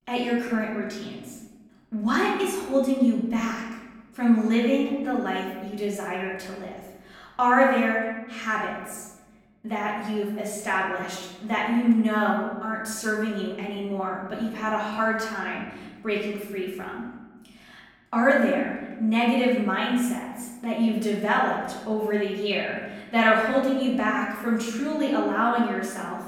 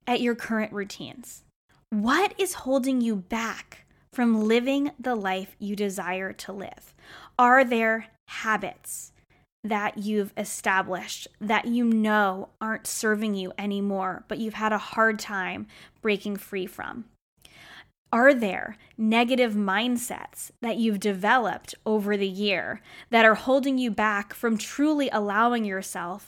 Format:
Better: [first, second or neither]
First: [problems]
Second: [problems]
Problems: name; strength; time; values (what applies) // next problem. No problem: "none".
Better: second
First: room echo; noticeable; dies away in 1 s // off-mic speech; far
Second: none